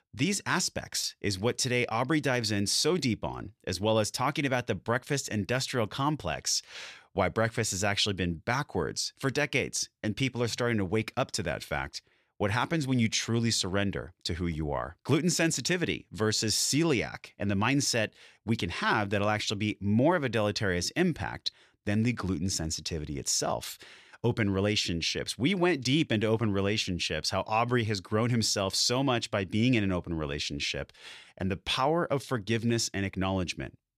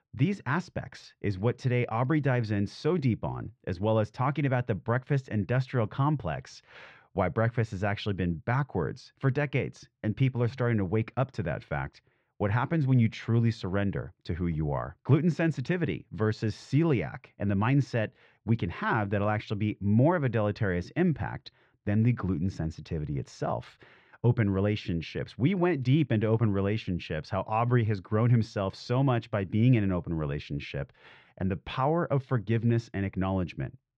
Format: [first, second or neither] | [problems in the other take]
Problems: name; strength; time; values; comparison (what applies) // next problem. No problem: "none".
first | muffled; very; fading above 2 kHz